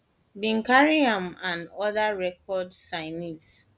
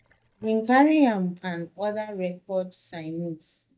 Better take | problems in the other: first | noise reduction (neural mask model DeepFilterNet 3)

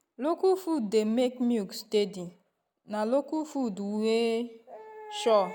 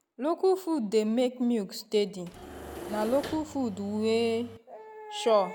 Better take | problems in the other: first | background sound (Engine / Mechanisms); 14 dB below the speech

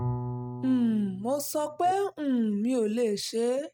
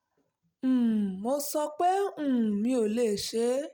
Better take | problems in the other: second | noise reduction (neural mask model RNNoise)

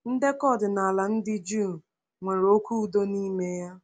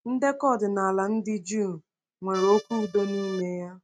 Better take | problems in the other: first | noise reduction (neural mask model RNNoise)

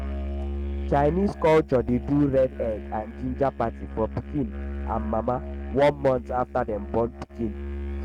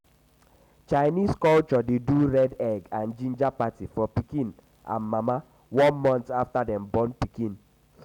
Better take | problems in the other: second | noise reduction (neural mask model RNNoise)

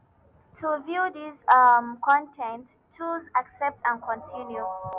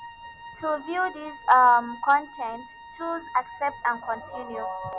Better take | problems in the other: first | background sound (Wind instrument, woodwind instrument); 18 dB below the speech

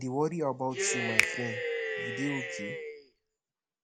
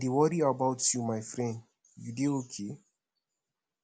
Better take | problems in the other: second | background sound (Cheering + Finger snapping); 2 dB above the speech

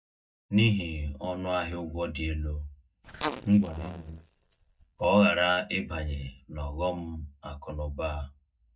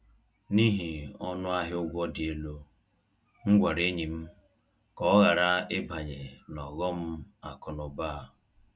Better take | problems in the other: second | noise reduction (neural mask model DeepFilterNet 3)

